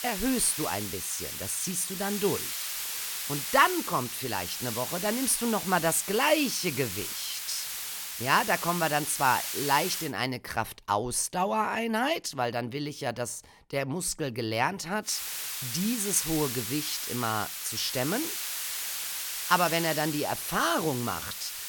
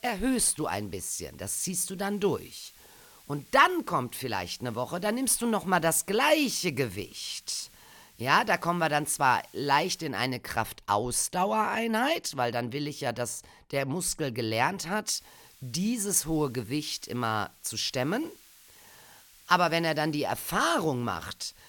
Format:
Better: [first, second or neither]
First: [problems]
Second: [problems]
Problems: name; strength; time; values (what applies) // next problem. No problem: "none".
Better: second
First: hiss; loud; until 10 s and from 15 s on; 4 dB below the speech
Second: hiss; faint; until 10 s and from 15 s on; 25 dB below the speech